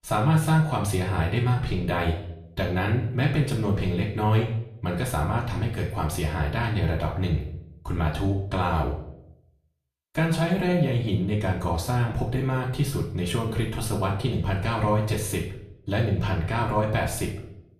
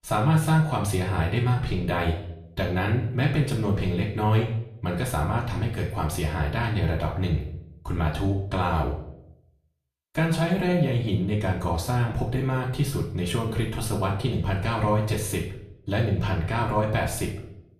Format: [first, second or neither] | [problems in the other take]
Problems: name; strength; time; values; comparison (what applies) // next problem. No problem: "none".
neither | off-mic speech; far; the same in both // room echo; slight; dies away in 0.6 s; the same in both